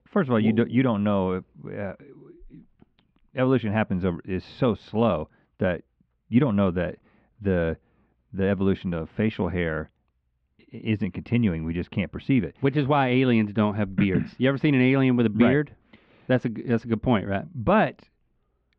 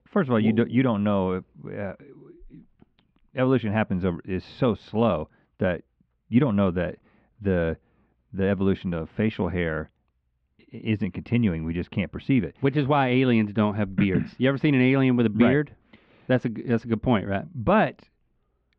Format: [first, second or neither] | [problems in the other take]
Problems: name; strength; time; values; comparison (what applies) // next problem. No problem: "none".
neither | muffled; very; fading above 3 kHz; the same in both